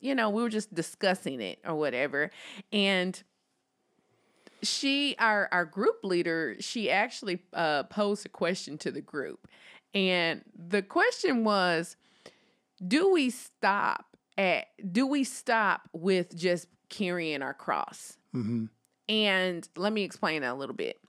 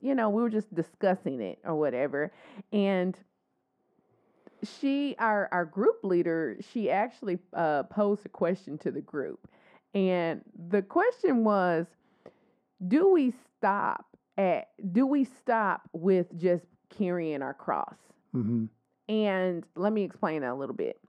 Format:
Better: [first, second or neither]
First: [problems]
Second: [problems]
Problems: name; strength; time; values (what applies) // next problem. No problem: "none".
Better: first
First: none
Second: muffled; very; fading above 2 kHz